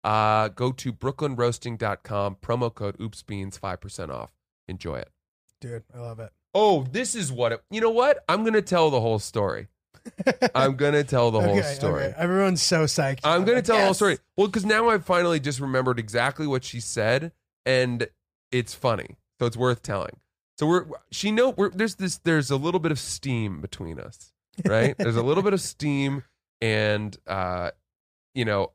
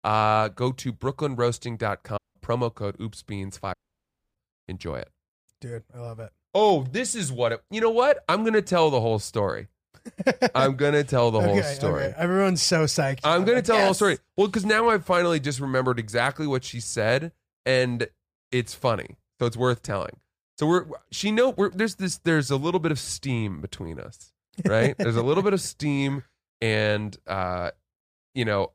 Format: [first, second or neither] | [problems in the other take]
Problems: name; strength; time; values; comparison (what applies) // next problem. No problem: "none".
first | audio cutting out; at 2 s and at 3.5 s for 0.5 s